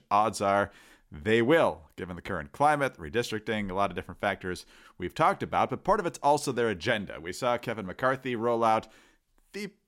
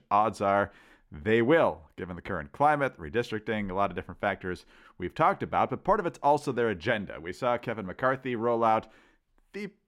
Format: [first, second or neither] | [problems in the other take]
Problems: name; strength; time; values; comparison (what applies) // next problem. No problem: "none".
first | muffled; slightly; fading above 3.5 kHz